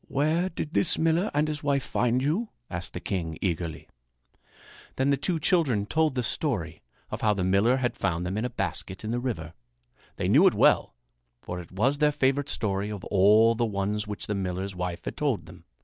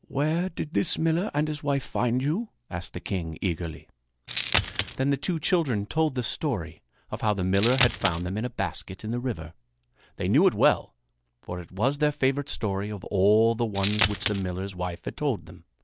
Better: first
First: none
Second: background sound (Coin (dropping)); 2 dB below the speech

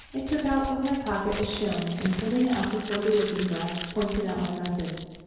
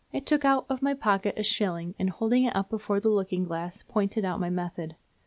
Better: second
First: background sound (Crumpling, crinkling); 11 dB below the speech // room echo; dies away in 1.2 s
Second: none

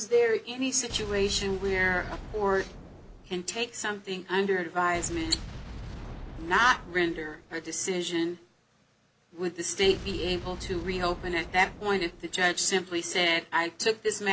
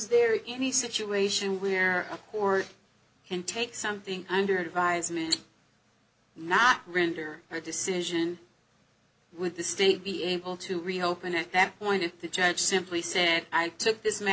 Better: second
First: background sound (Boom); 13 dB below the speech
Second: none

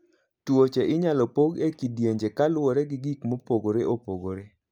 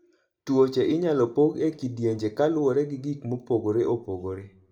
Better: first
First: none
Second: room echo; dies away in 0.5 s

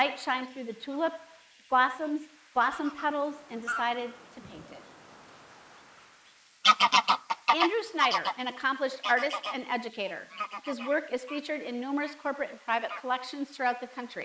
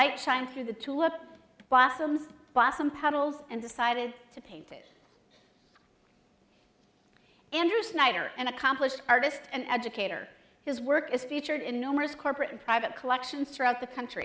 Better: second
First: noise reduction (neural mask model Resemble Enhance denoiser)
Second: none

